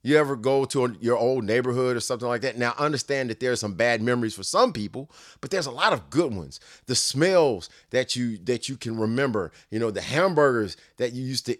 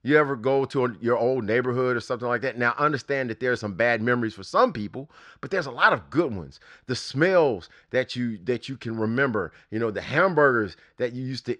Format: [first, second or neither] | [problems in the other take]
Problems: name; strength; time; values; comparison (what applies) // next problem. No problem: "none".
first | muffled; slightly; fading above 3 kHz